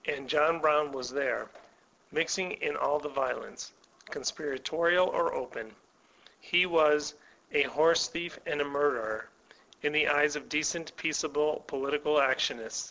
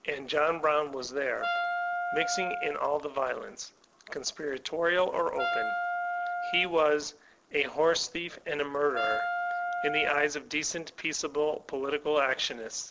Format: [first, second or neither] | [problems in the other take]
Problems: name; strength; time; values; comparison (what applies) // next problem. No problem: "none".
first | background sound (Wind instrument, woodwind instrument); 2 dB below the speech